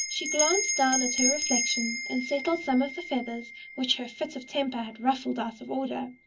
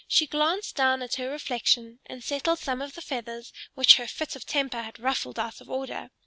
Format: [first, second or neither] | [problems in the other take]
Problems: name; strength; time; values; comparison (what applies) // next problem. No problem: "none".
second | background sound (Bell); 3 dB below the speech // room echo; dies away in 0.3 s